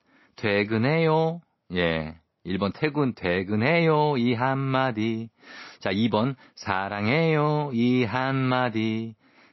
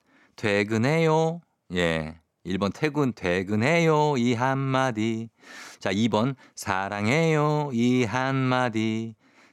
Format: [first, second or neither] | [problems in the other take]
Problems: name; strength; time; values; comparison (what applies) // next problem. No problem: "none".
second | garbled, watery; slightly; nothing above 5.5 kHz